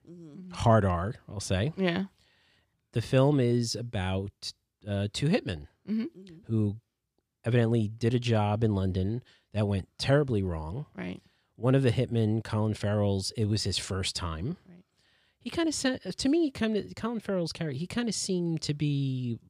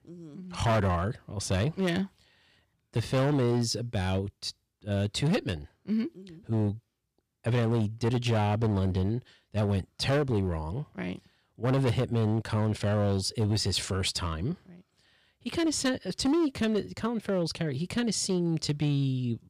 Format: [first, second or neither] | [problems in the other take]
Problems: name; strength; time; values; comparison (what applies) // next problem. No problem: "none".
first | distortion; slight; 9% of the sound clipped